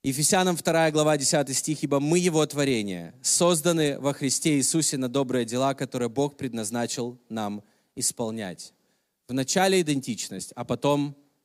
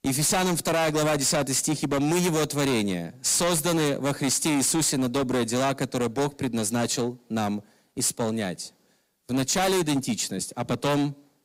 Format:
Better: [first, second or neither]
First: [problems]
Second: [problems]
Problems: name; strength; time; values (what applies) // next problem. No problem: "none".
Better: first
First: none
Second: distortion; heavy; 21% of the sound clipped